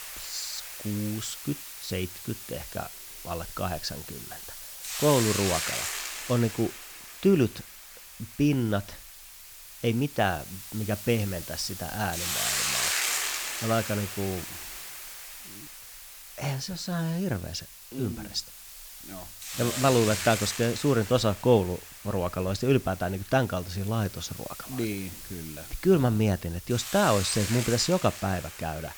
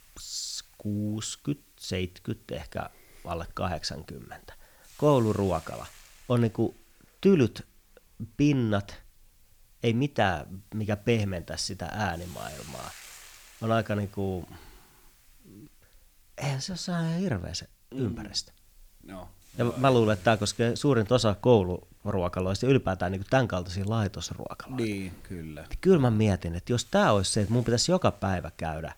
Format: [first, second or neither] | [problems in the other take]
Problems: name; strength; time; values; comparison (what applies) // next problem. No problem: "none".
second | hiss; loud; throughout; 6 dB below the speech; faint in the second